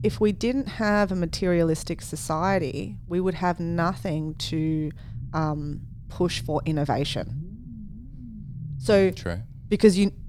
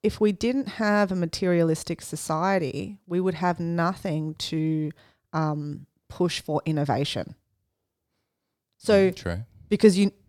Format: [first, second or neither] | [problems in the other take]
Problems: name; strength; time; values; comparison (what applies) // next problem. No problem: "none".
second | low rumble; faint; throughout; 25 dB below the speech